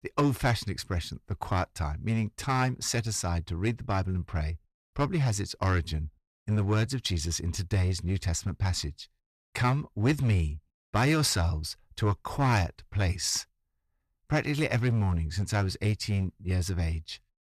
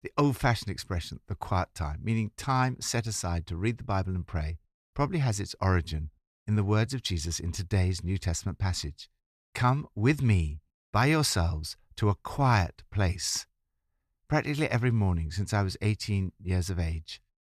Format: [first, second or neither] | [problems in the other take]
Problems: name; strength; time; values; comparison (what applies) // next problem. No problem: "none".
second | distortion; slight; 5% of the sound clipped